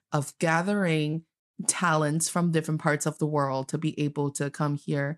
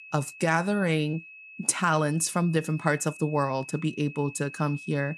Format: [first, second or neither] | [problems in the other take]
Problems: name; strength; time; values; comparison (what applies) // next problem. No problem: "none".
first | high-pitched whine; noticeable; throughout; 2.5 kHz, 15 dB below the speech